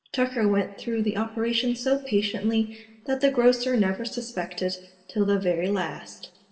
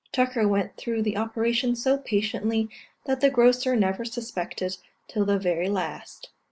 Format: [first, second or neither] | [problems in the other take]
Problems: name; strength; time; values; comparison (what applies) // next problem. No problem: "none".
second | room echo; dies away in 1 s